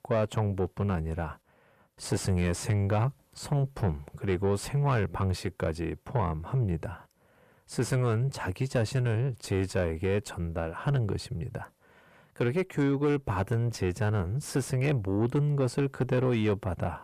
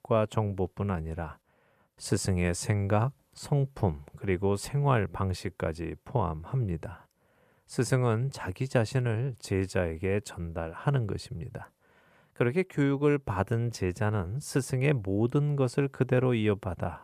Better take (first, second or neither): second